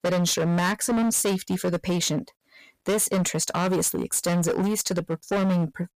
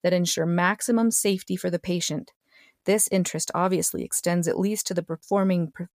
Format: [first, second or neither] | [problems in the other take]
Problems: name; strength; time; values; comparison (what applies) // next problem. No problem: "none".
second | distortion; heavy; 23% of the sound clipped